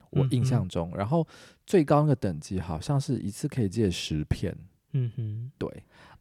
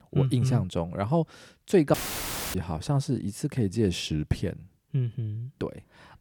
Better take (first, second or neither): first